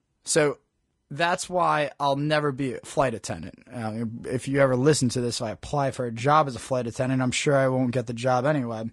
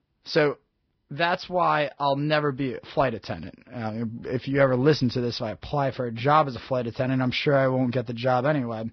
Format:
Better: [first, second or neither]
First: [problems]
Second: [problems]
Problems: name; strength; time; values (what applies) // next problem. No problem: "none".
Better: first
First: garbled, watery; slightly; nothing above 10.5 kHz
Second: garbled, watery; badly; nothing above 5.5 kHz